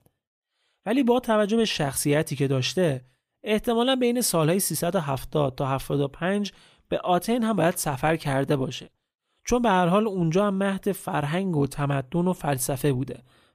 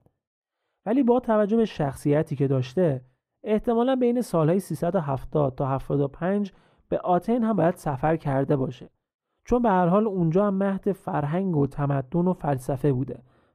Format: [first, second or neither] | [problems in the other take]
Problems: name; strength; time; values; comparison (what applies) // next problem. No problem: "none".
first | muffled; very; fading above 2 kHz